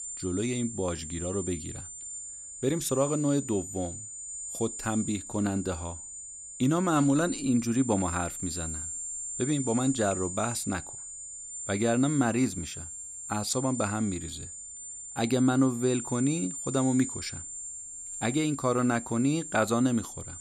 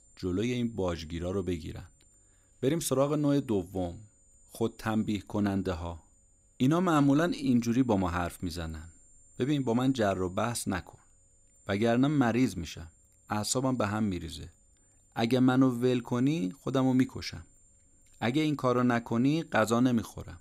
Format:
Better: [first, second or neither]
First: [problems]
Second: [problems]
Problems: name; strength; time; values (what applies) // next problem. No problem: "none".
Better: second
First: high-pitched whine; loud; throughout; 7.5 kHz, 8 dB below the speech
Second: high-pitched whine; faint; throughout; 7.5 kHz, 30 dB below the speech